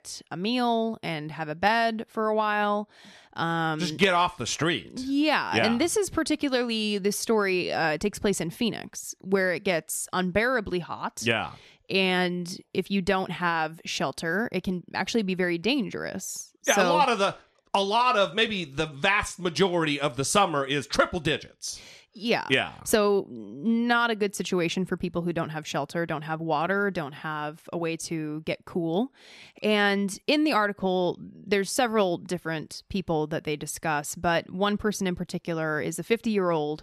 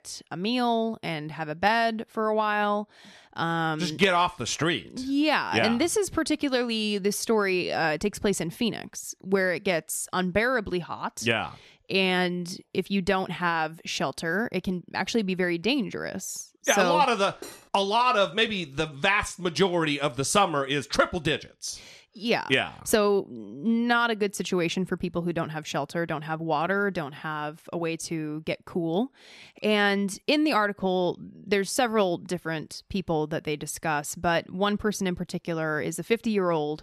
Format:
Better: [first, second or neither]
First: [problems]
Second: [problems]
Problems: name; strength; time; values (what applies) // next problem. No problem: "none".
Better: first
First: none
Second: clattering dishes; faint; at 17 s; peak 15 dB below the speech